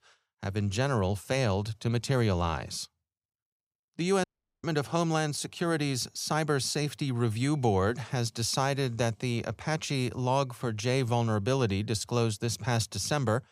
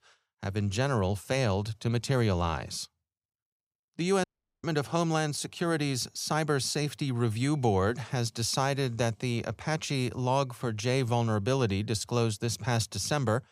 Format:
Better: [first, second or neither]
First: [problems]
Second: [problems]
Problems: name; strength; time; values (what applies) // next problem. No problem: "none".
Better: neither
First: audio cutting out; at 4 s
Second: audio cutting out; at 4 s